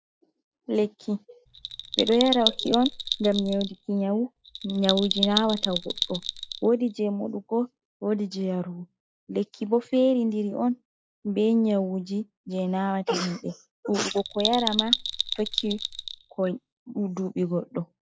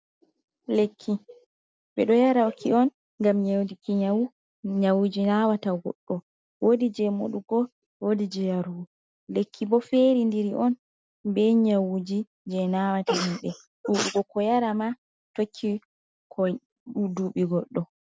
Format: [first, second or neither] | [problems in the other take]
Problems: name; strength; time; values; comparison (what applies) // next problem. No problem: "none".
second | noise reduction (classical method log-MMSE)